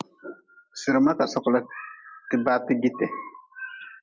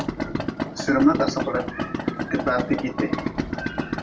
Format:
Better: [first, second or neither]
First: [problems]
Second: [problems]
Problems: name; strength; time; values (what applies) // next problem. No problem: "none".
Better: first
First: none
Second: background sound (Idling); 2 dB below the speech // room echo; dies away in 0.2 s